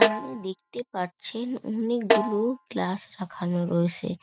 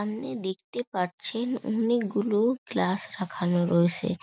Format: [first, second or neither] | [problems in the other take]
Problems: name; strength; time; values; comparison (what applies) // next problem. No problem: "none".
second | noise reduction (neural mask model RNNoise)